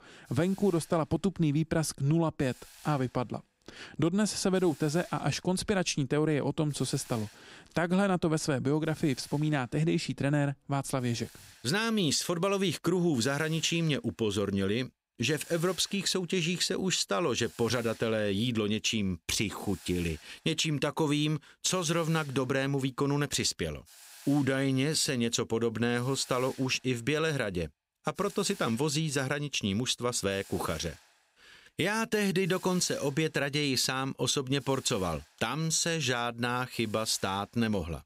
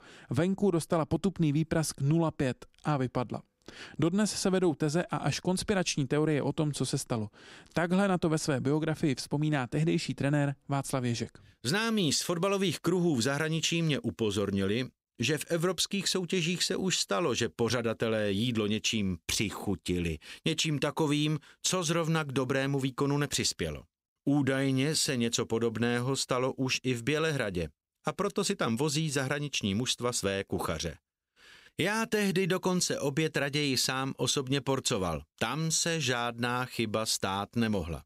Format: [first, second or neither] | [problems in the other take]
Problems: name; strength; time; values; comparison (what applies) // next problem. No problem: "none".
second | hiss; faint; throughout; 20 dB below the speech